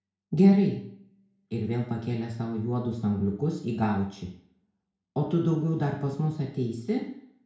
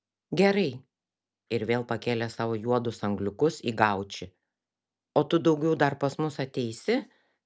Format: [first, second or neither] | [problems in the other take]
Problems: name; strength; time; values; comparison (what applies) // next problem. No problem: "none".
second | room echo; dies away in 0.5 s